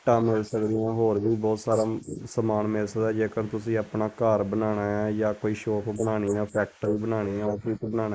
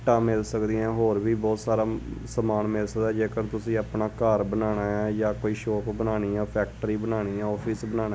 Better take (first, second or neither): second